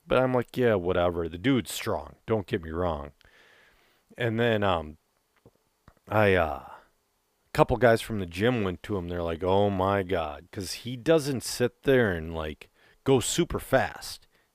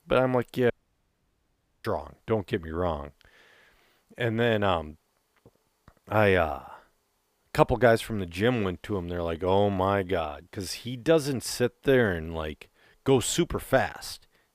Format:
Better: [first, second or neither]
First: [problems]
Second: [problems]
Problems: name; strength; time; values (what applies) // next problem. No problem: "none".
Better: first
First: none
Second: audio cutting out; at 0.5 s for 1 s